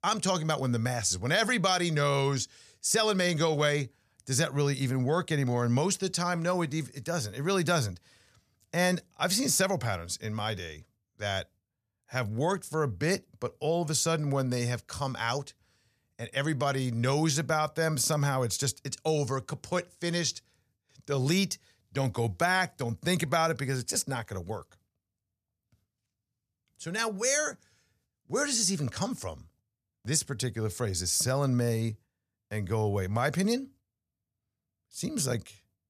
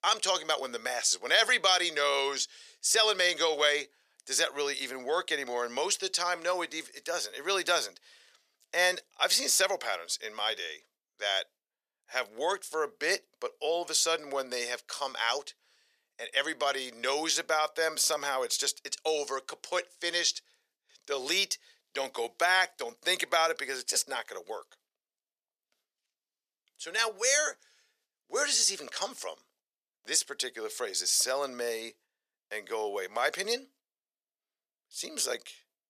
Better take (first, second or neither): first